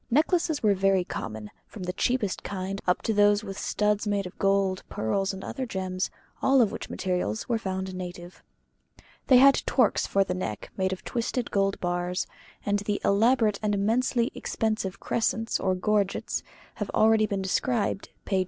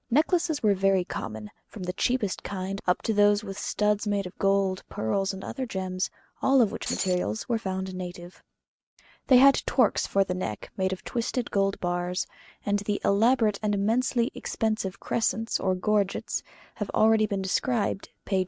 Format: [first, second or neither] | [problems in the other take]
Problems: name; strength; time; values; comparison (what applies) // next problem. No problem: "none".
first | noise reduction (neural mask model RNNoise)